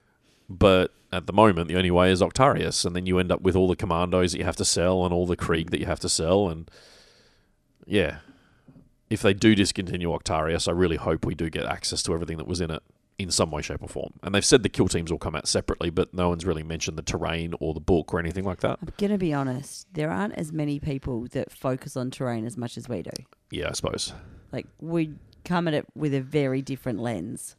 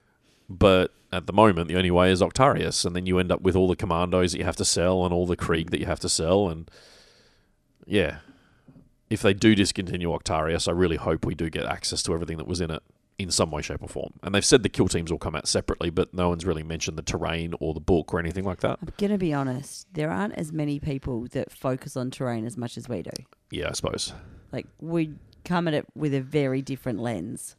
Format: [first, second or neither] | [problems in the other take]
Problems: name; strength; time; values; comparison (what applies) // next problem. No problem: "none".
neither | none